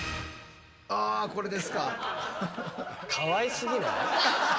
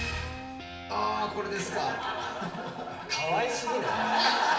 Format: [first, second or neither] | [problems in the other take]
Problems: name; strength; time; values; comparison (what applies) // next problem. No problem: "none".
first | background sound (Guitar); 13 dB below the speech // room echo; dies away in 0.8 s